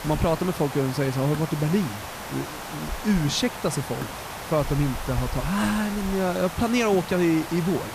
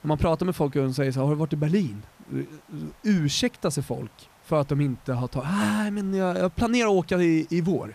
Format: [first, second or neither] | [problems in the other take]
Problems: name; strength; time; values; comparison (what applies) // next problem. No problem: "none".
second | hiss; loud; throughout; 9 dB below the speech; faint in the second